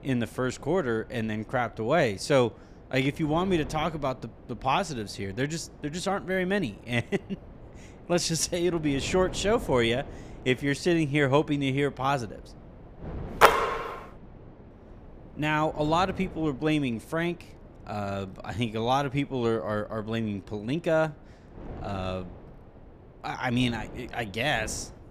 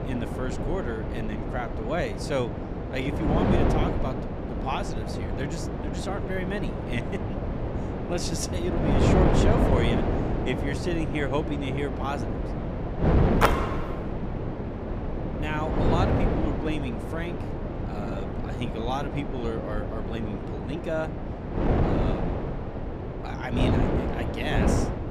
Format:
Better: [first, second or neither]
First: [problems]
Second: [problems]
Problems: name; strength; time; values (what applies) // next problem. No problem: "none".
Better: first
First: wind noise on the microphone; occasional gusts; 20 dB below the speech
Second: wind noise on the microphone; heavy; as loud as the speech